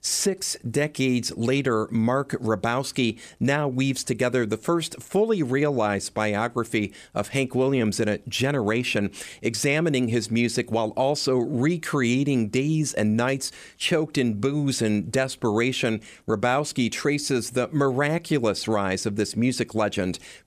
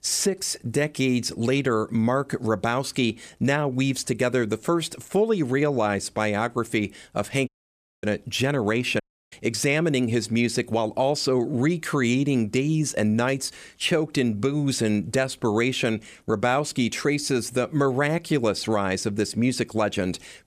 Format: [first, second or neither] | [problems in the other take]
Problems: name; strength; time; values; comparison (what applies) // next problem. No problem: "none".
first | audio cutting out; at 7.5 s for 0.5 s and at 9 s